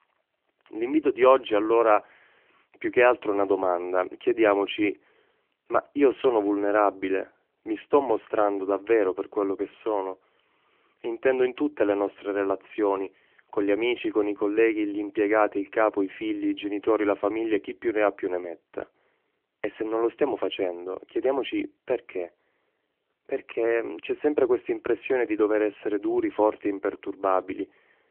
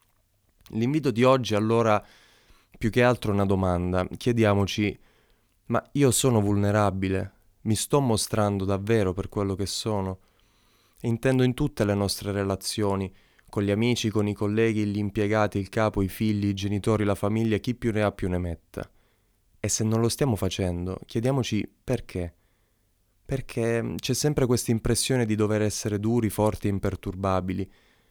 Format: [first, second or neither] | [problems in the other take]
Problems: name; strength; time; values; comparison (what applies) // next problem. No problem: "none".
second | phone-call audio; nothing above 3 kHz